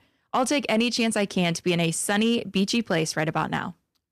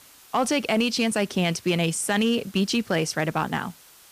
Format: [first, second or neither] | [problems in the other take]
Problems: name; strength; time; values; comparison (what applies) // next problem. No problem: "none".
first | hiss; faint; throughout; 25 dB below the speech